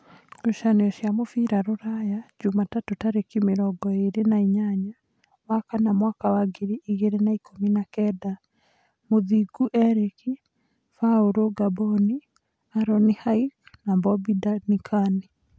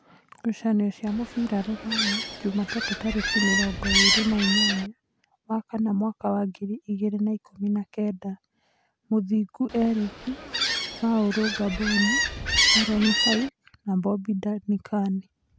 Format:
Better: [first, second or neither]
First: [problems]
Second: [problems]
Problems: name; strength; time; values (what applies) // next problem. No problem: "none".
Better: first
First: none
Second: background sound (Gull, seagull); 1 dB above the speech